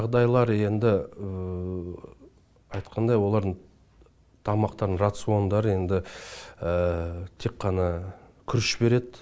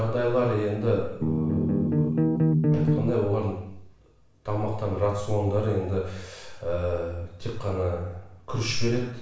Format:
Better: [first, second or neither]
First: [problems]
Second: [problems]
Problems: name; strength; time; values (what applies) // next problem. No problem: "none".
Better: first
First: none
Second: background sound (Bass guitar); 5 dB above the speech // room echo; dies away in 0.7 s